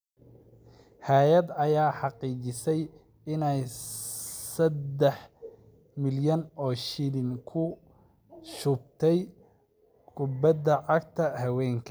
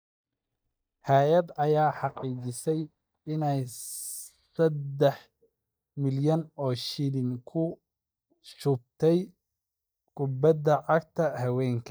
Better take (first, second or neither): first